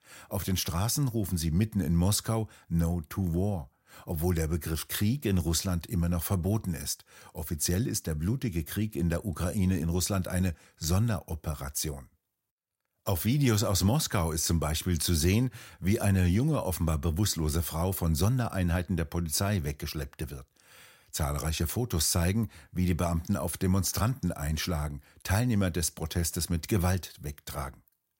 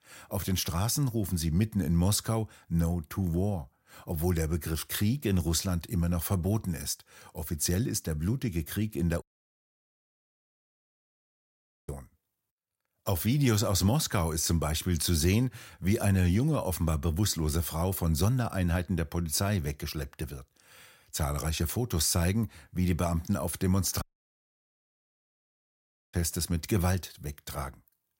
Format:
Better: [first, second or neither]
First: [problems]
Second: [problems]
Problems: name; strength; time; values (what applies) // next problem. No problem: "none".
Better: first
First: none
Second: audio cutting out; at 9 s for 2.5 s and at 24 s for 2 s